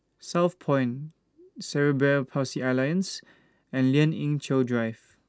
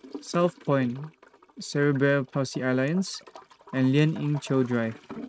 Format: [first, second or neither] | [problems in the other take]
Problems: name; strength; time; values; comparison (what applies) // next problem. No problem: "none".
first | noise reduction (neural mask model RNNoise)